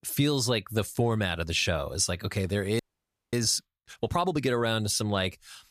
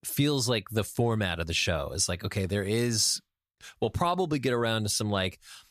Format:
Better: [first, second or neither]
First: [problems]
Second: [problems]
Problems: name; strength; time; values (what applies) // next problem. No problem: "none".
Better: second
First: audio freezing; at 3 s for 0.5 s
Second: none